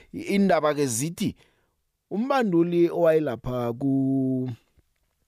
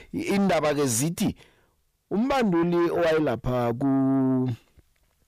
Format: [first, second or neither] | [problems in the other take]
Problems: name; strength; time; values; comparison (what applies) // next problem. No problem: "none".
first | distortion; heavy; 7 dB below the speech